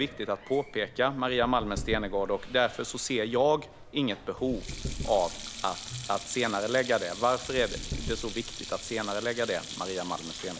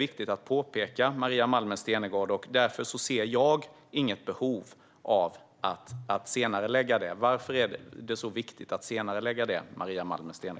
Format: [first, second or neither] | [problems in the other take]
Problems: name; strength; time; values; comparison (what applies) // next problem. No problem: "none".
second | background sound (Sink (filling or washing) + Knock / Wood); 10 dB below the speech